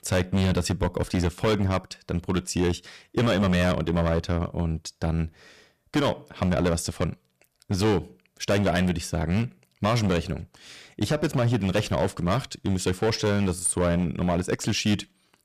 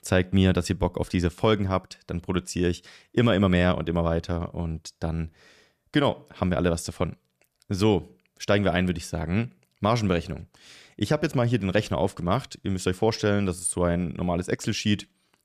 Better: second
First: distortion; heavy; 10% of the sound clipped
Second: none

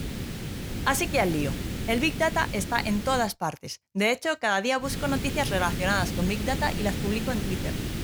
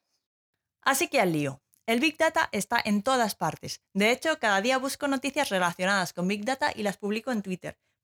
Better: second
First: hiss; loud; until 3.5 s and from 5 s on; 5 dB below the speech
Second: none

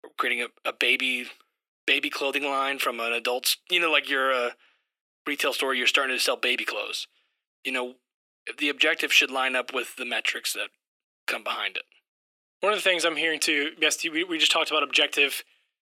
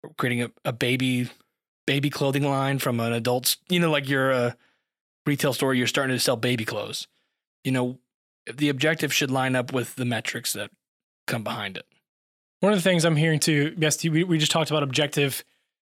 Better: second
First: thin; somewhat; fading below 300 Hz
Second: none

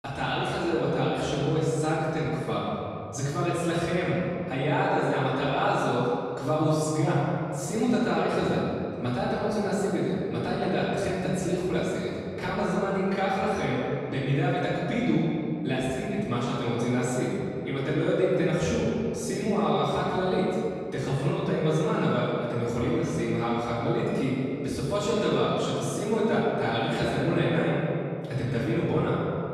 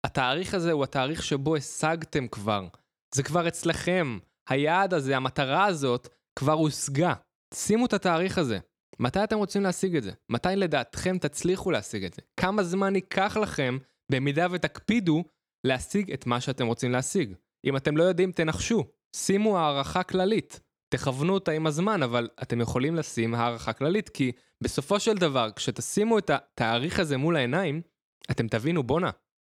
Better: second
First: off-mic speech; far // room echo; strong; dies away in 2.5 s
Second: none

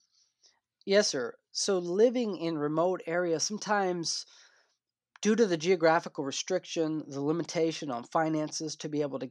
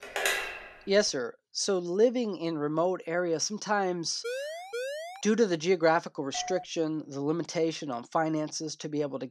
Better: first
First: none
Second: phone ringing; loud; at the start; peak 1 dB above the speech // siren; noticeable; at 4 s; peak 6 dB below the speech // doorbell; noticeable; at 6.5 s; peak 10 dB below the speech

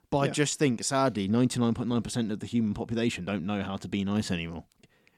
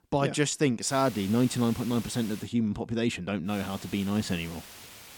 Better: first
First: none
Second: hiss; noticeable; from 1 to 2.5 s and from 3.5 s on; 15 dB below the speech

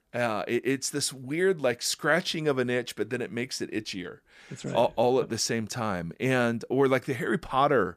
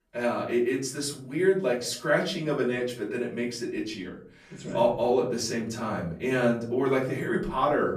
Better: first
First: none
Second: room echo; slight; dies away in 0.5 s // off-mic speech; far

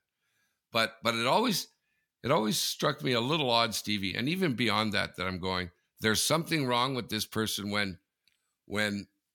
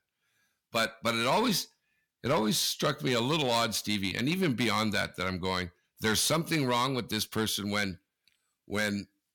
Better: first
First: none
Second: distortion; slight; 4% of the sound clipped

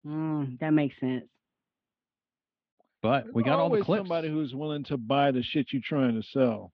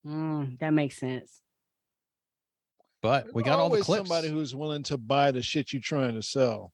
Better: second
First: muffled; very; fading above 3.5 kHz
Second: none

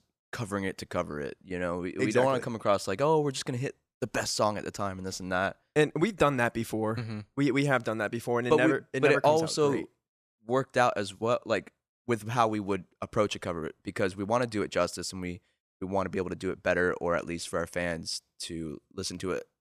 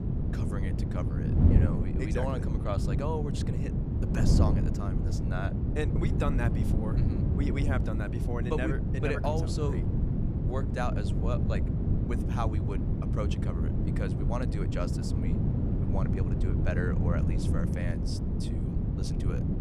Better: first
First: none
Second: wind noise on the microphone; heavy; 1 dB below the speech

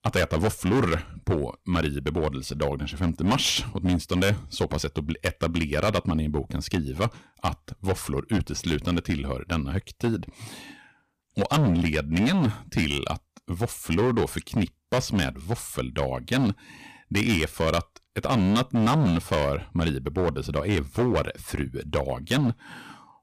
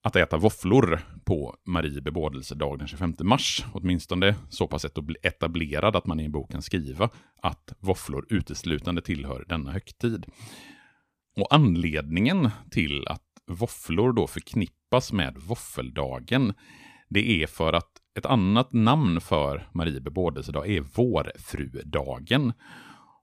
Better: second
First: distortion; heavy; 10% of the sound clipped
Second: none

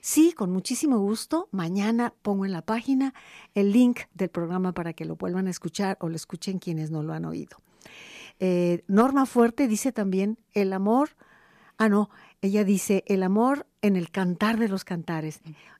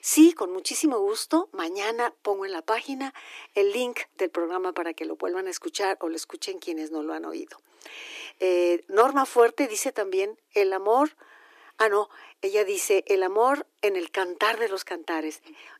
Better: first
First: none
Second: thin; very; fading below 300 Hz

